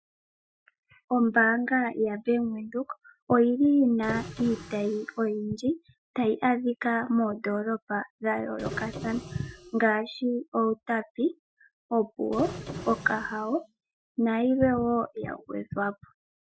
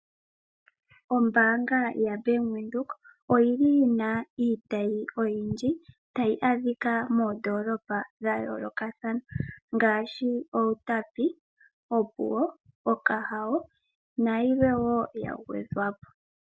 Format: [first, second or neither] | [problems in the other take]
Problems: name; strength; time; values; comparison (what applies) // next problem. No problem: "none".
second | noise reduction (classical method Wiener filter)